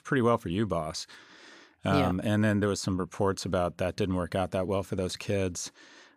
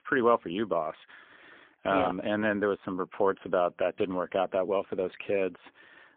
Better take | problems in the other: first | phone-call audio; poor line

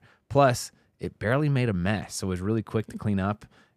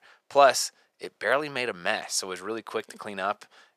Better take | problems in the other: first | thin; very; fading below 650 Hz

